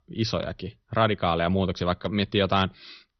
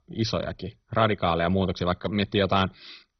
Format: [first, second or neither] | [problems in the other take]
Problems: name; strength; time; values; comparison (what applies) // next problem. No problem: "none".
first | garbled, watery; badly; nothing above 6 kHz; slightly in the first